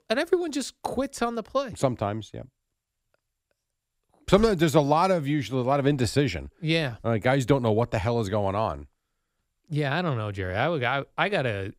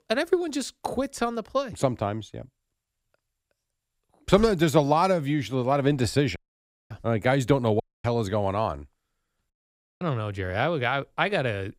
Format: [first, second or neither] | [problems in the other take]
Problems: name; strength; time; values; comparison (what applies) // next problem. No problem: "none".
first | audio cutting out; at 6.5 s for 0.5 s, at 8 s and at 9.5 s for 0.5 s